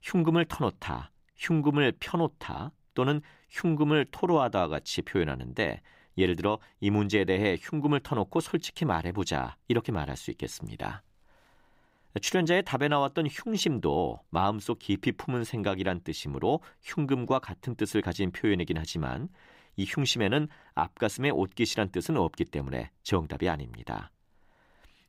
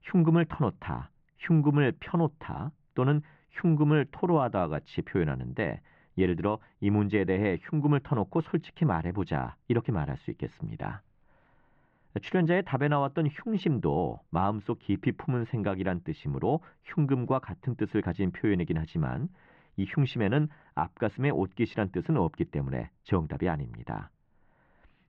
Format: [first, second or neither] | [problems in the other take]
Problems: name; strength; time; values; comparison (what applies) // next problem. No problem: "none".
first | muffled; very; fading above 2 kHz